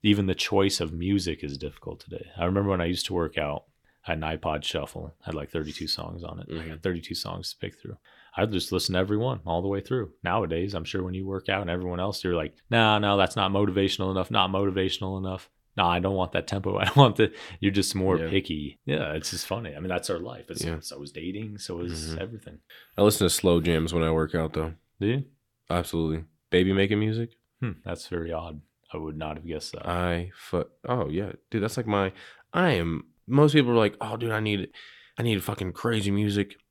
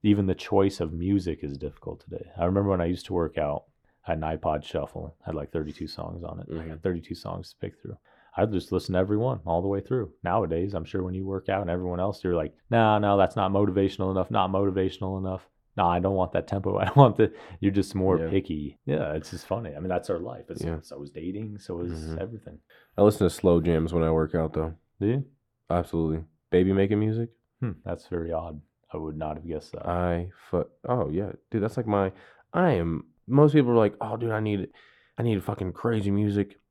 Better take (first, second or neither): first